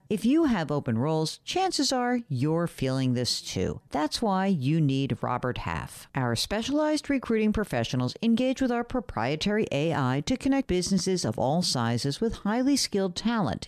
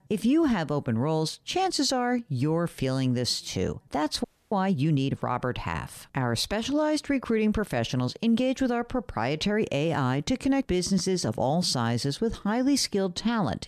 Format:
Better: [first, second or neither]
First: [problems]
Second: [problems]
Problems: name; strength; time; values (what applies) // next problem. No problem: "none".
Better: first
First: none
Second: audio freezing; at 4 s